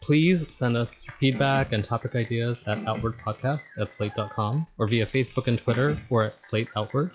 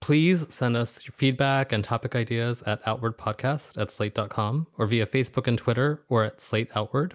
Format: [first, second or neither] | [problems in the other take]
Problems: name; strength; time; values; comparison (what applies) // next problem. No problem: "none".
second | noise reduction (classical method log-MMSE)